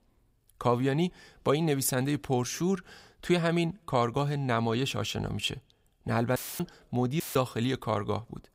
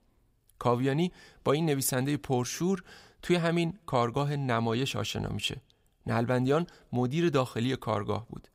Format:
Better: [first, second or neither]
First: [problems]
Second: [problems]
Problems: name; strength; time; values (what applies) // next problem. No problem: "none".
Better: second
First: audio cutting out; filled with static; at 6.5 s and at 7 s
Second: none